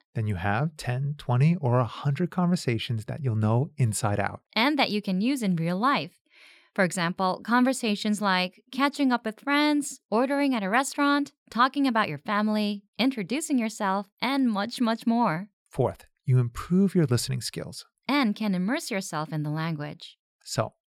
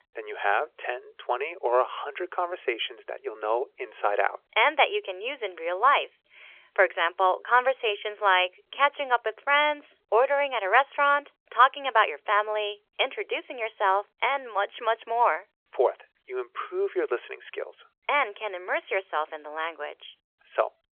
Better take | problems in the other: first | phone-call audio; nothing above 3.5 kHz

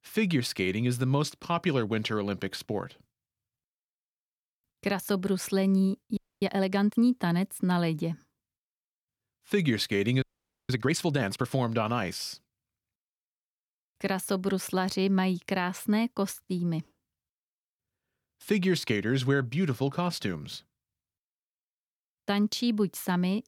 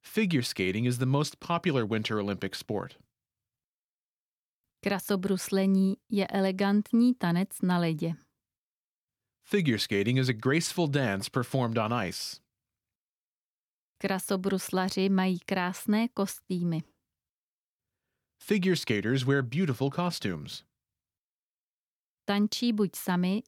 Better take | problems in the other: second | audio freezing; at 6 s and at 10 s

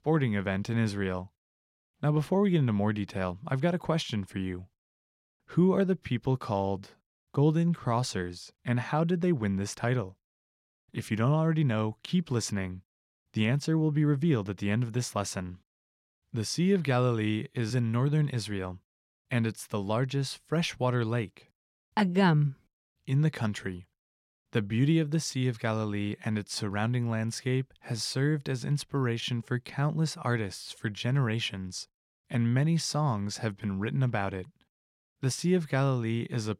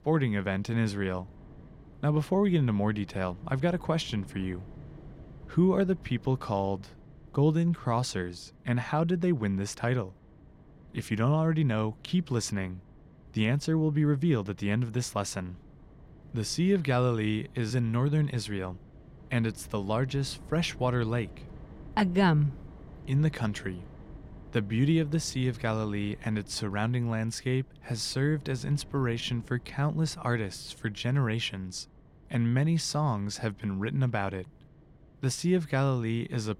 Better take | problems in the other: first | wind noise on the microphone; occasional gusts; 25 dB below the speech

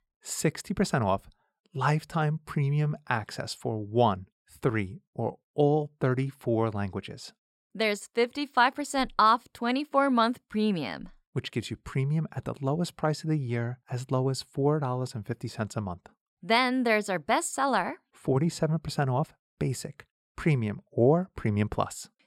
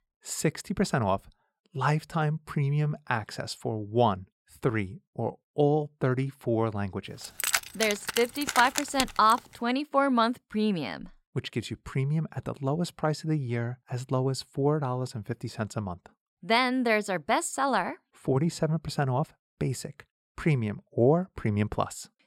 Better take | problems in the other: first | jangling keys; loud; from 7.5 to 9.5 s; peak 1 dB above the speech

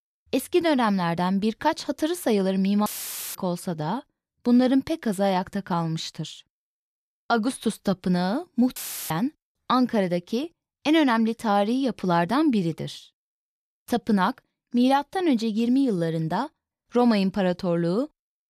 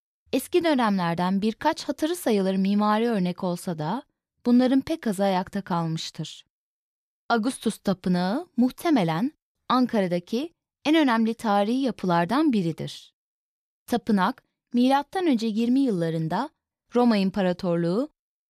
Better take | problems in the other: second | audio cutting out; filled with static; at 3 s and at 9 s

